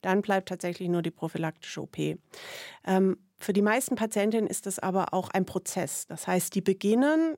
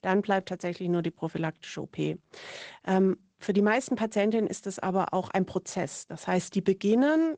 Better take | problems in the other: first | garbled, watery; slightly; nothing above 8 kHz

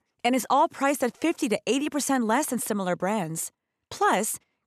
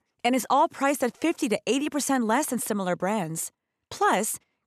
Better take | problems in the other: neither | none

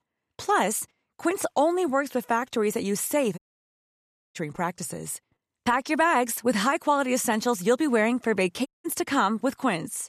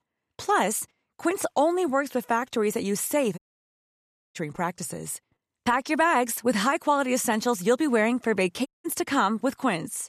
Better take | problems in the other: neither | audio cutting out; at 3.5 s for 1 s and at 8.5 s; the same in both

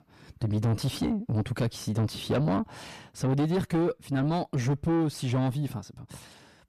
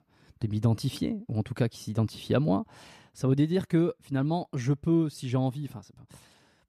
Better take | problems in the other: second | distortion; heavy; 7 dB below the speech

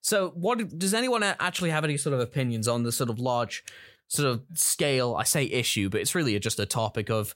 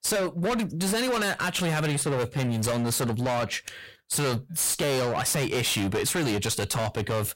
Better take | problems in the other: first | distortion; heavy; 33% of the sound clipped

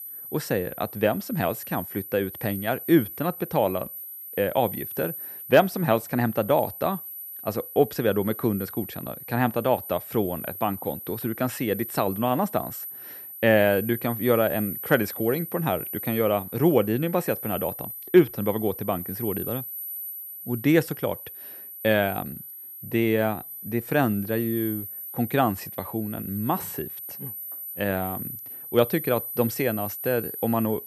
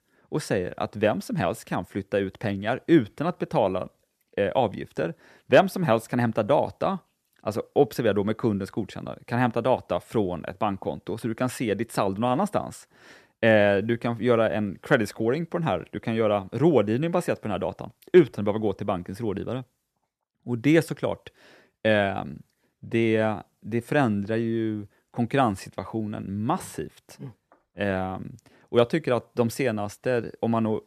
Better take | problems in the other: second | high-pitched whine; loud; throughout; 12 kHz, 9 dB below the speech

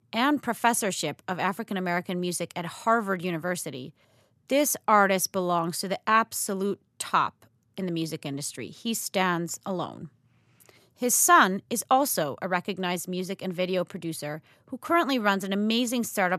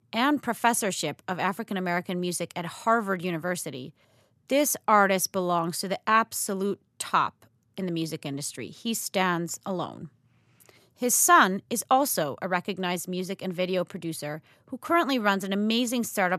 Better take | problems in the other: neither | none

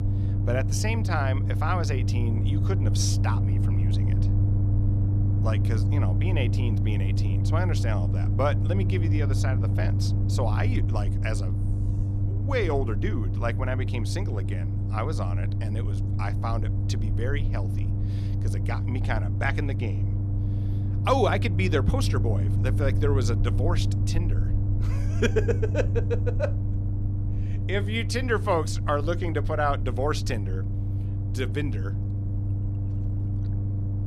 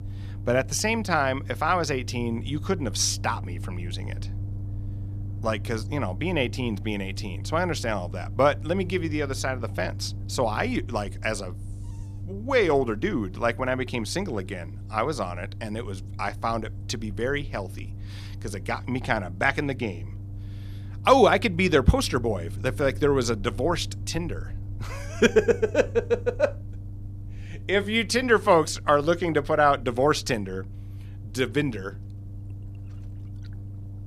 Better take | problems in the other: second | low rumble; loud; throughout; 8 dB below the speech; faint in the second

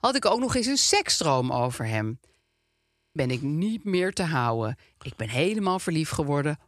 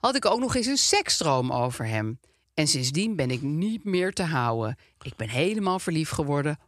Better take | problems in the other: second | audio freezing; at 2.5 s for 0.5 s

